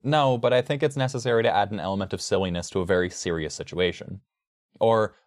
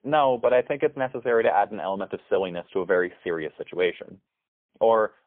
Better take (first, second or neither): first